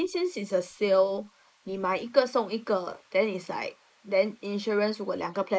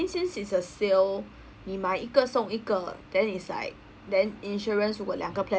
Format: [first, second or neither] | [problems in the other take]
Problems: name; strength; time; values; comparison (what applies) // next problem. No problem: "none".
second | noise reduction (neural mask model Resemble Enhance denoiser)